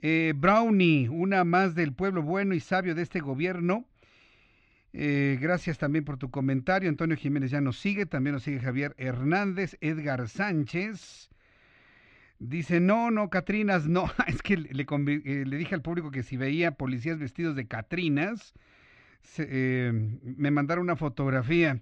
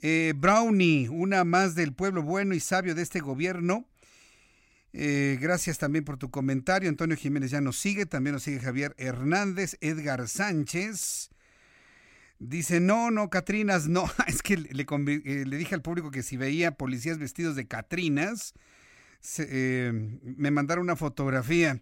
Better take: second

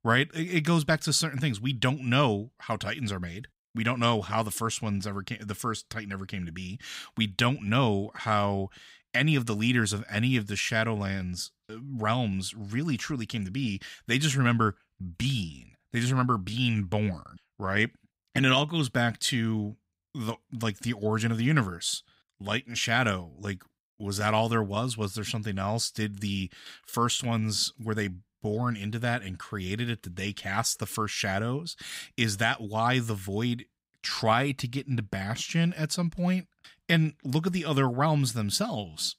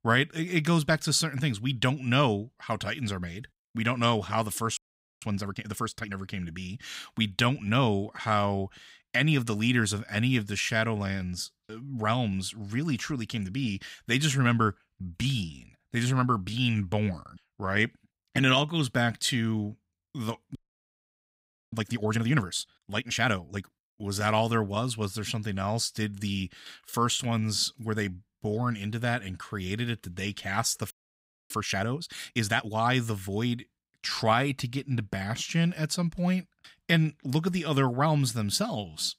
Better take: first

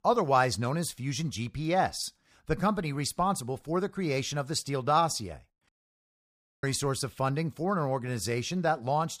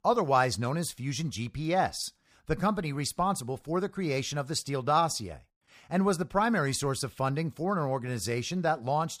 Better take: second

